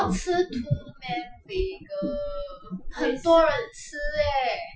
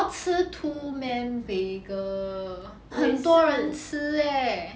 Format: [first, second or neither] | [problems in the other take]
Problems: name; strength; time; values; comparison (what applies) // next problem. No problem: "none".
second | noise reduction (classical method Wiener filter)